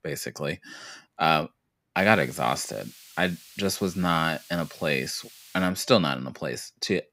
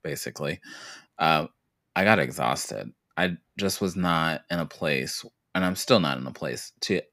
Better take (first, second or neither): second